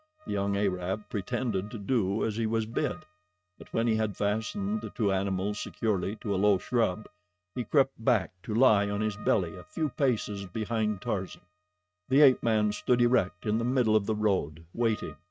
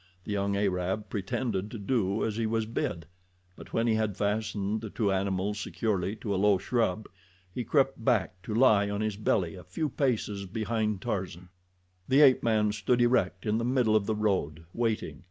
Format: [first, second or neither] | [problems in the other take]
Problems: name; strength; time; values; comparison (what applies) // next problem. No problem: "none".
second | noise reduction (neural mask model RNNoise)